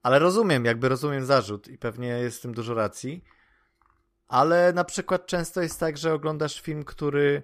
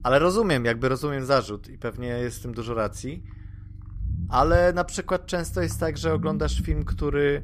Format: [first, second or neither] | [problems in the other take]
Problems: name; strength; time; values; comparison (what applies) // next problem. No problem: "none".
first | low rumble; faint; throughout; 20 dB below the speech